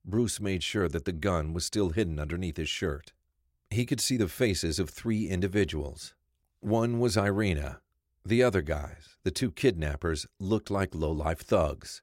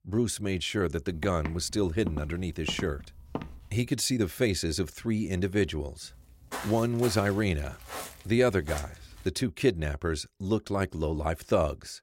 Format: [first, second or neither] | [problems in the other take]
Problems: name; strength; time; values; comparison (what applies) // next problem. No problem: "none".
first | footsteps; noticeable; from 1 to 3.5 s and from 6 to 9.5 s; peak 9 dB below the speech